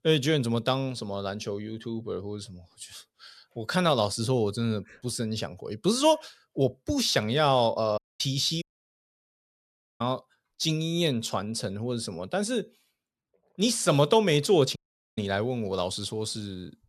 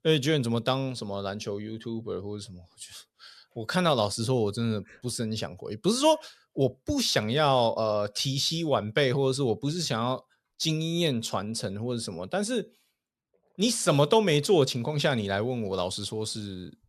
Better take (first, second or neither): second